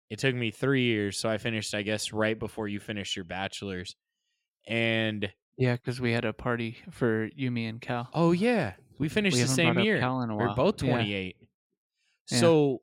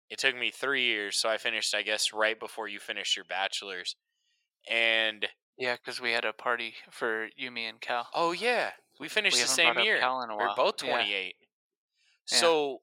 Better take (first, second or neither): first